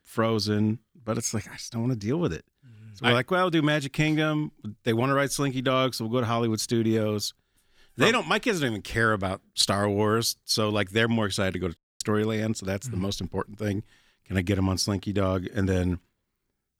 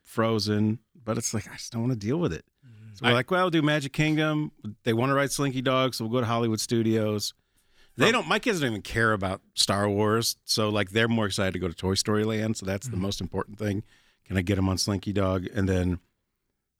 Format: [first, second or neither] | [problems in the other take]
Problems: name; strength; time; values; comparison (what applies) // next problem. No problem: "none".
second | audio cutting out; at 12 s